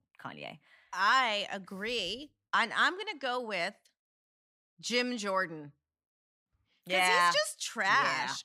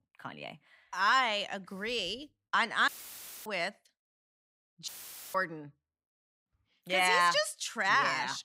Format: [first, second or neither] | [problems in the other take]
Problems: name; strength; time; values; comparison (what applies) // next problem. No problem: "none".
first | audio cutting out; filled with static; at 3 s for 0.5 s and at 5 s